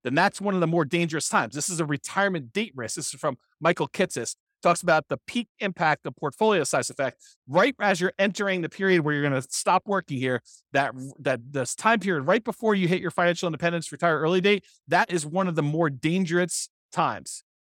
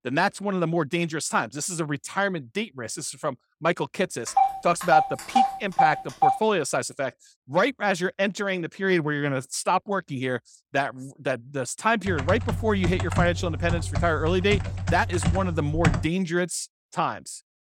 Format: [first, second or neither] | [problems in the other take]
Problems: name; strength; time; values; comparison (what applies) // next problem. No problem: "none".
first | phone ringing; loud; from 4.5 to 6.5 s; peak 3 dB above the speech // keyboard typing; loud; from 12 to 16 s; peak 1 dB above the speech